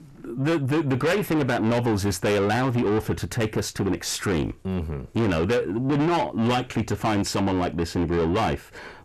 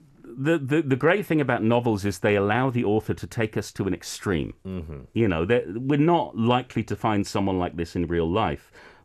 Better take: second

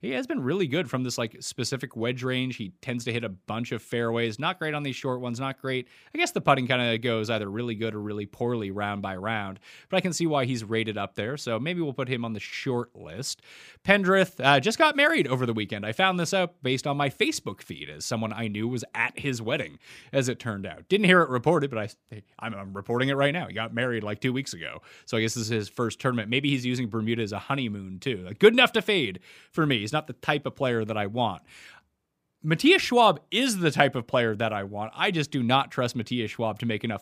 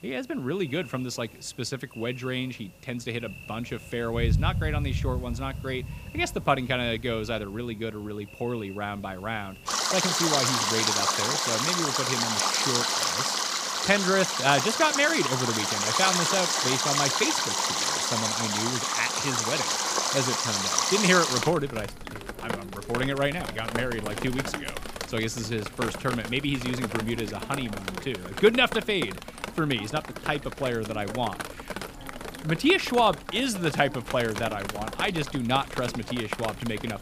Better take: first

